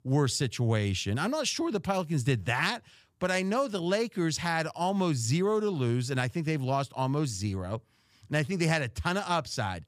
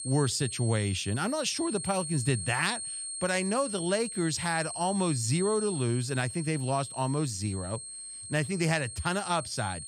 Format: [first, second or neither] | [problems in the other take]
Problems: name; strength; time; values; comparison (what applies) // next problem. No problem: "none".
first | high-pitched whine; loud; throughout; 8.5 kHz, 7 dB below the speech